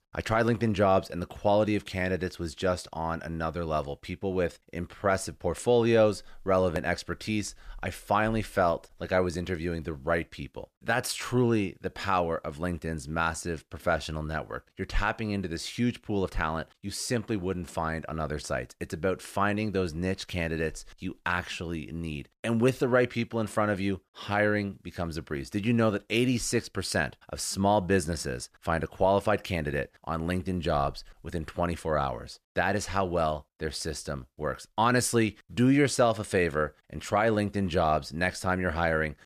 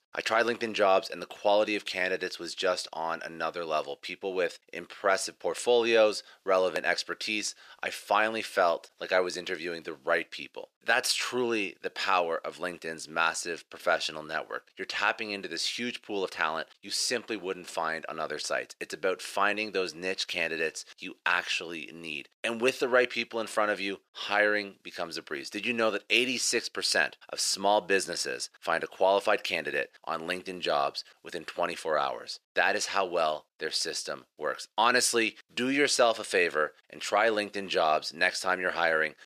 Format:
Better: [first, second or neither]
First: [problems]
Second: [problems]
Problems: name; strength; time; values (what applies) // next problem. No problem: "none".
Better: first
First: none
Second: thin; somewhat; fading below 450 Hz